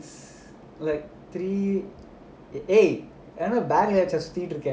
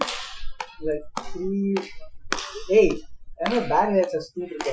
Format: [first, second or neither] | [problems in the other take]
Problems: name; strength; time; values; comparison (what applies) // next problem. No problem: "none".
first | noise reduction (classical method Wiener filter)